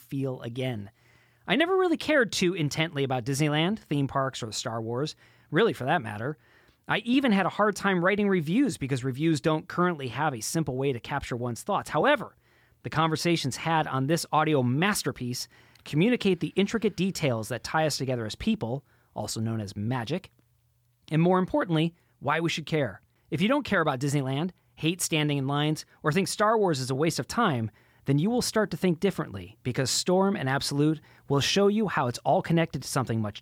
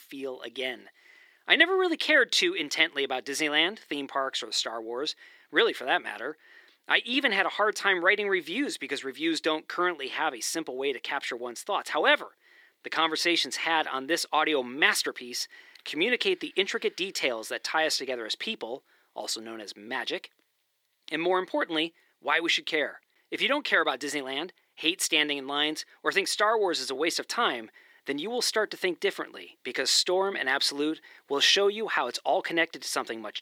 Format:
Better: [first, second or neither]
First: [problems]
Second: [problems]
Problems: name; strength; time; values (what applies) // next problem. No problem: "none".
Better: first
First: none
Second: thin; somewhat; fading below 350 Hz